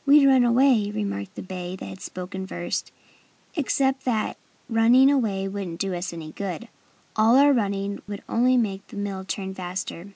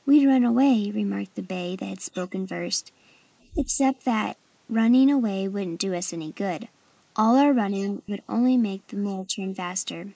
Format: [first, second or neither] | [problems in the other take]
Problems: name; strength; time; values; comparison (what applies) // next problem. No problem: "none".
first | noise reduction (neural mask model Resemble Enhance denoiser)